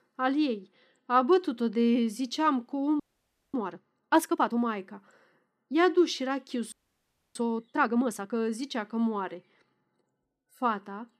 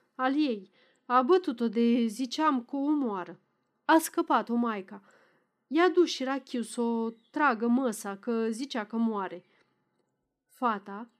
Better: second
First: audio freezing; at 3 s for 0.5 s and at 6.5 s for 0.5 s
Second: none

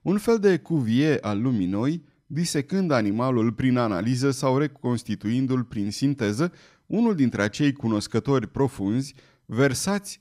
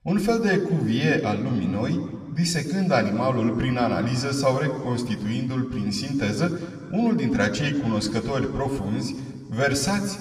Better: first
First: none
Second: room echo; slight; dies away in 1.6 s // off-mic speech; somewhat distant

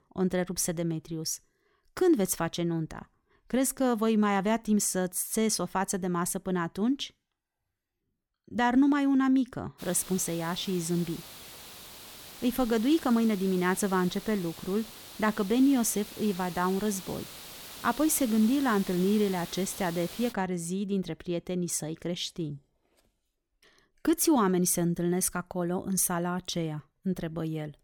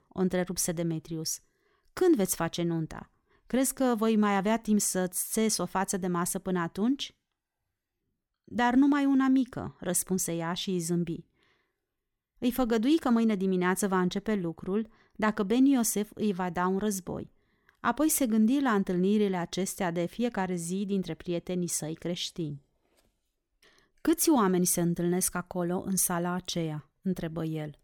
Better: second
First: hiss; noticeable; from 10 to 20 s; 15 dB below the speech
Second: none

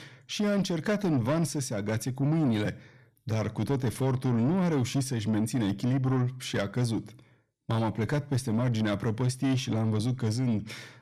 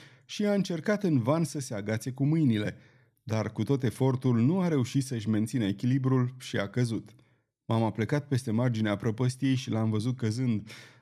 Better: second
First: distortion; slight; 10 dB below the speech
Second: none

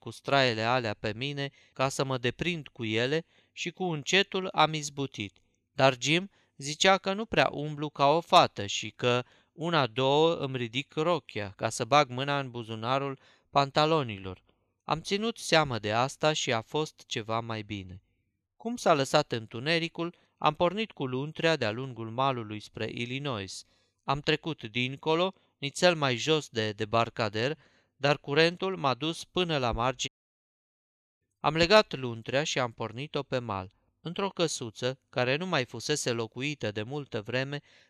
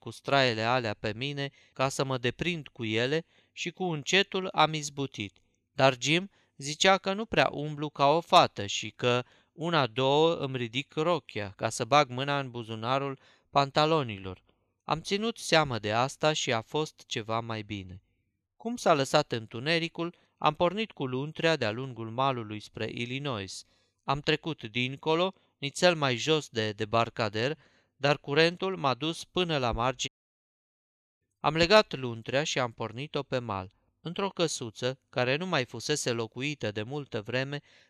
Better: neither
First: audio cutting out; at 30 s for 1 s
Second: audio cutting out; at 30 s for 1 s

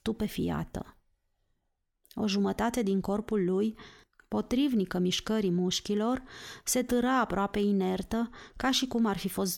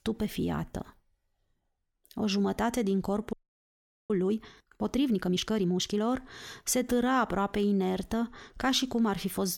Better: first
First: none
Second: audio freezing; at 3.5 s for 1 s

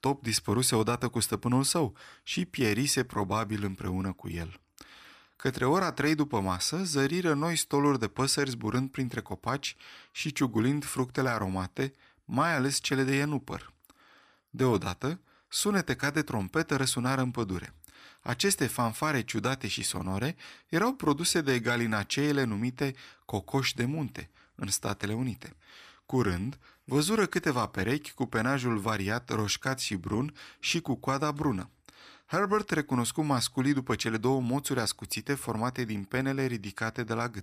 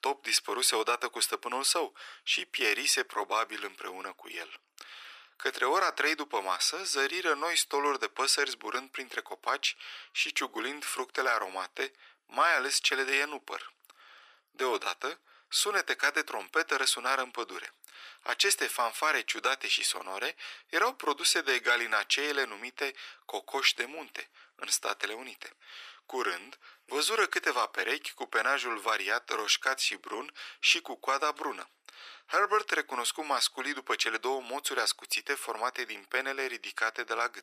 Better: first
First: none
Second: thin; very; fading below 400 Hz

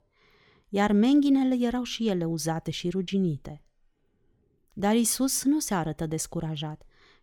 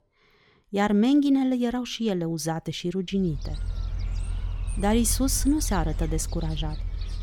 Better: first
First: none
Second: animal sounds; loud; from 3.5 s on; 8 dB below the speech

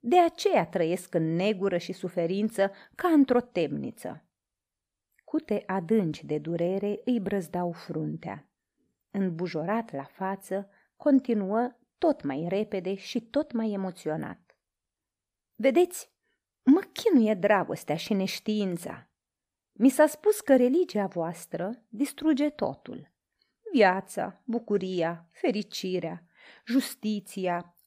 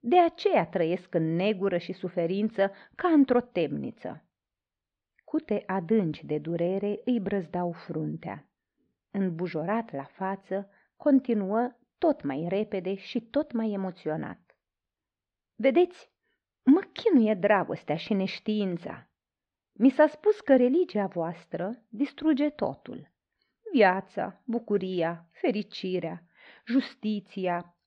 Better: first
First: none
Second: muffled; very slightly; fading above 4 kHz

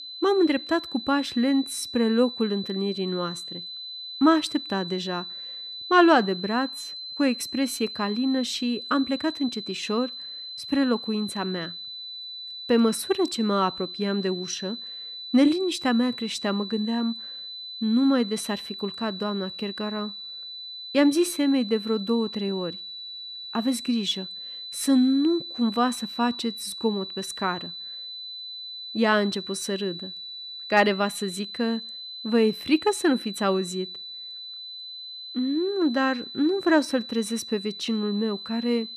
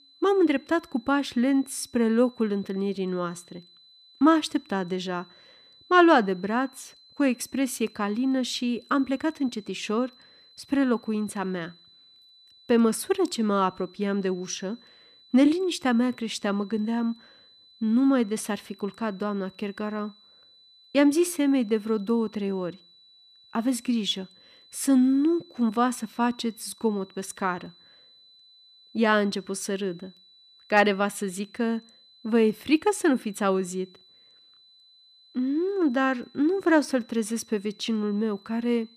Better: second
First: high-pitched whine; loud; throughout; 4 kHz, 10 dB below the speech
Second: high-pitched whine; faint; throughout; 4 kHz, 25 dB below the speech

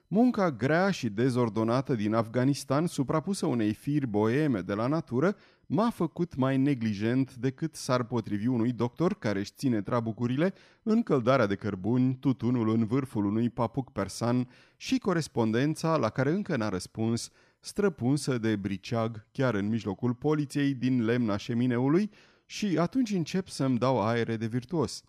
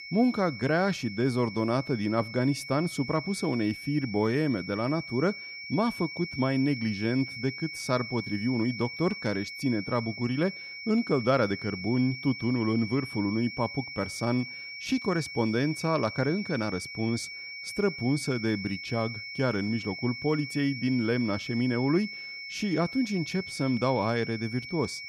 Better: first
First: none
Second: high-pitched whine; loud; throughout; 2.5 kHz, 9 dB below the speech

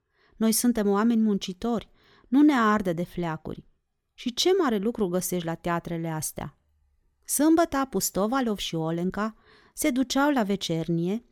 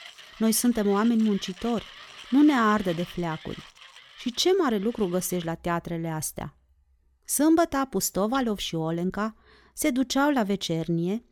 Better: first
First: none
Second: machinery noise; noticeable; throughout; 20 dB below the speech

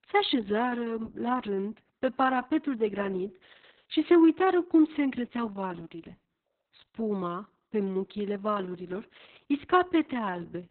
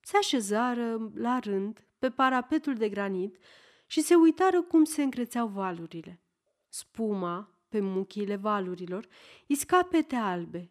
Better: second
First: garbled, watery; badly; nothing above 4 kHz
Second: none

